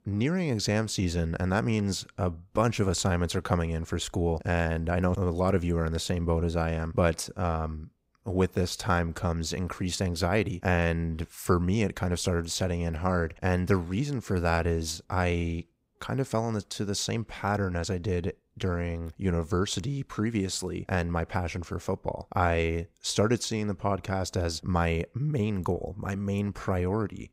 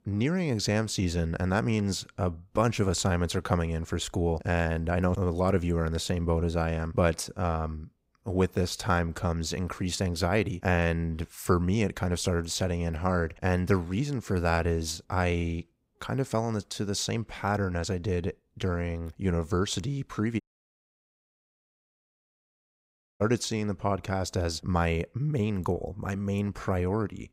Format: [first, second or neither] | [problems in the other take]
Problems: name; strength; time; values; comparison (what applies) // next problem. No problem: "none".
first | audio cutting out; at 20 s for 3 s